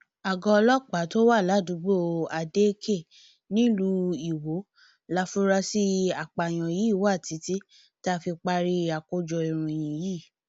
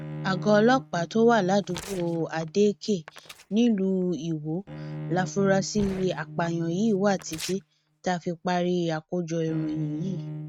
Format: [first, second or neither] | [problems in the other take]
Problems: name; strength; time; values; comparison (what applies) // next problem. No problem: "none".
first | noise reduction (neural mask model RNNoise)